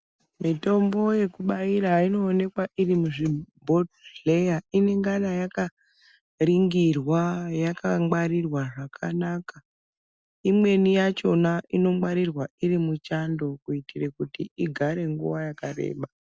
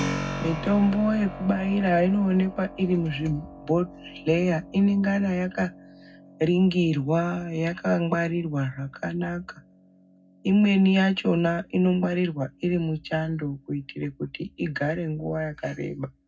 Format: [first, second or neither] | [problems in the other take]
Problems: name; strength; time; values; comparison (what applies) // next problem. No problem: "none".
first | background sound (Keyboard (musical)); 15 dB below the speech // room echo; dies away in 0.3 s